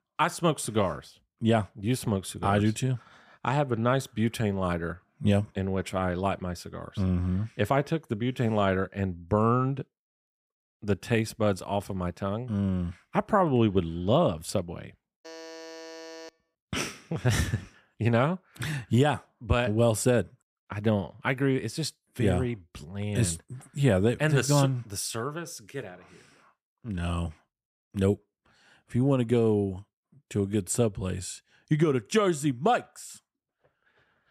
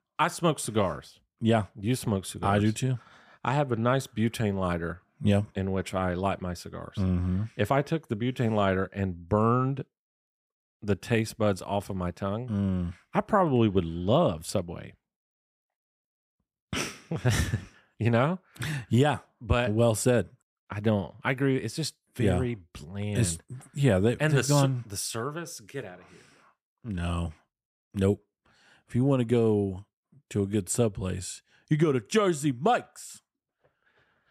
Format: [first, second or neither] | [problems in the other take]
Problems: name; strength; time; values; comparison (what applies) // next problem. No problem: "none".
second | alarm; faint; from 15 to 16 s; peak 15 dB below the speech